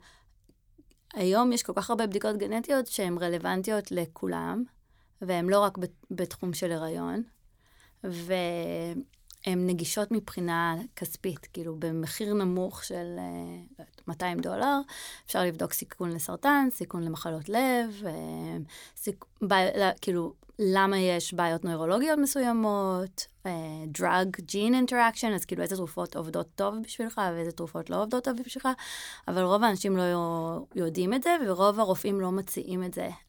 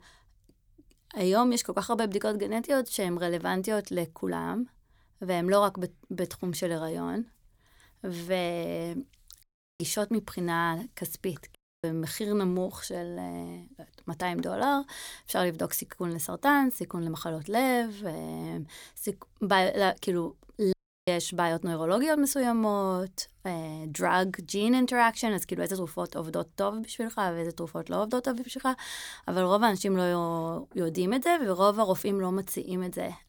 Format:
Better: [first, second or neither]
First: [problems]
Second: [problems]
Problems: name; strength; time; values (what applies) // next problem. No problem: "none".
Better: first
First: none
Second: audio cutting out; at 9.5 s, at 12 s and at 21 s